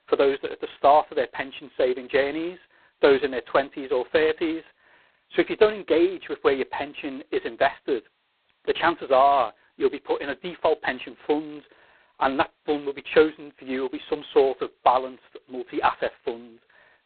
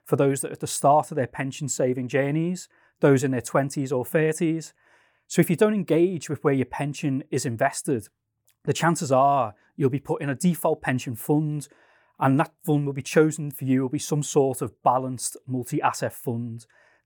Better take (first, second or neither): second